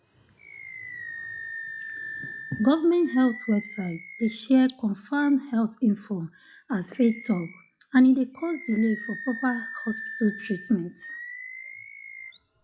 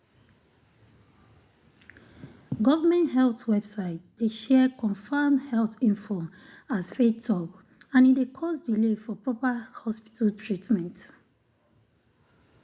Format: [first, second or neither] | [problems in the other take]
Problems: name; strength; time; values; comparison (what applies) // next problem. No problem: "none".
second | noise reduction (classical method log-MMSE)